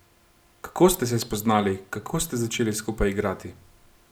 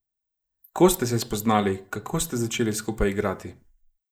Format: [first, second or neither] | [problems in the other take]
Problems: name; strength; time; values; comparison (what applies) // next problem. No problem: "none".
first | noise reduction (neural mask model Resemble Enhance denoiser)